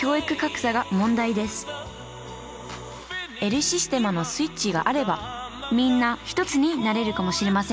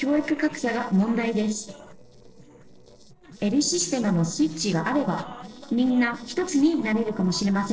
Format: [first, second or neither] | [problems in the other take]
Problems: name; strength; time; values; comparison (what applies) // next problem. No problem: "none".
first | noise reduction (neural separator model SepFormer DNS4)